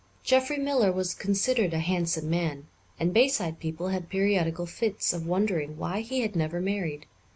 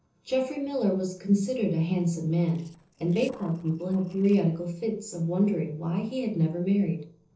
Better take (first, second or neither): first